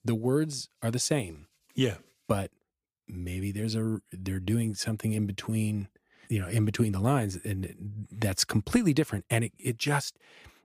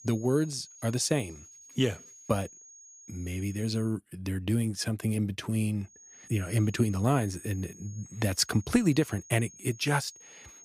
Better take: first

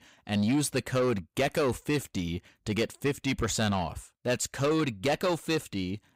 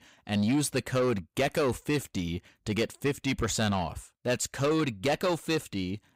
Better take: neither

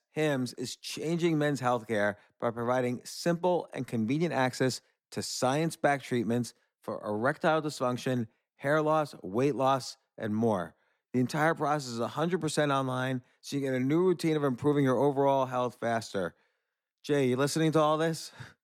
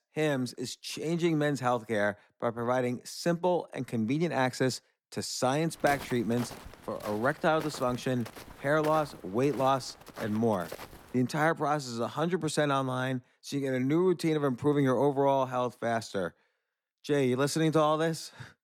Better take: first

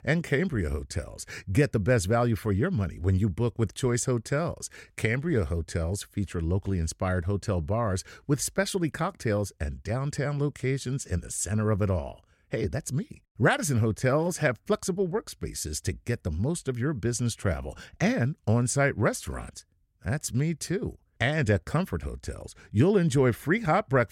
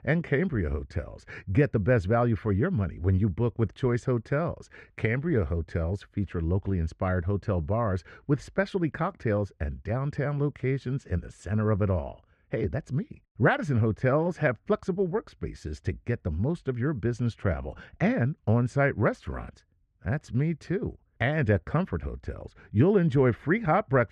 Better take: first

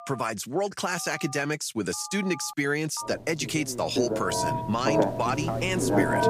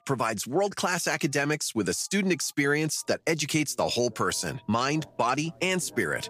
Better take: second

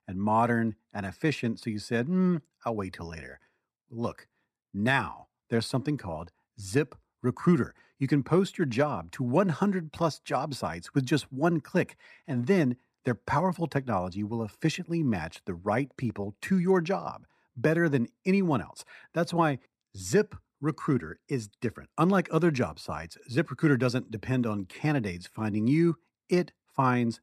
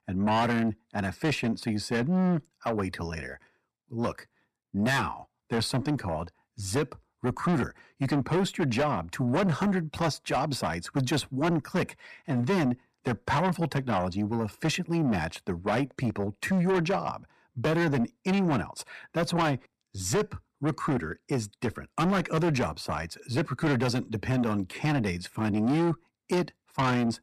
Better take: first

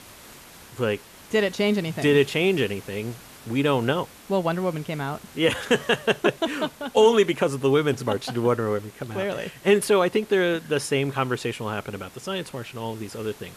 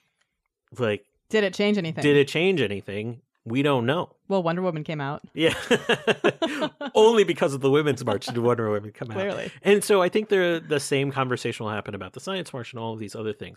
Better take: second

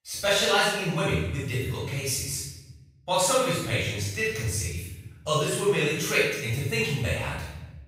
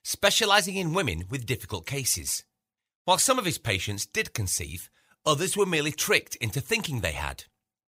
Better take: second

